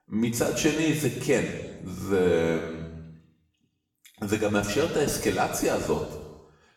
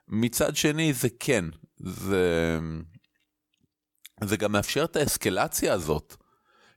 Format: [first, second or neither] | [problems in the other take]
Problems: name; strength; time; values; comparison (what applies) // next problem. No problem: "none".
second | room echo; noticeable; dies away in 1.1 s // off-mic speech; far